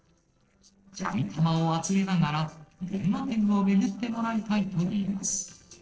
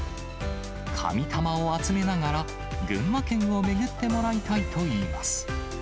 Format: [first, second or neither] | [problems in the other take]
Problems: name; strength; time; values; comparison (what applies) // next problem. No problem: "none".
second | noise reduction (neural separator model SepFormer DNS4)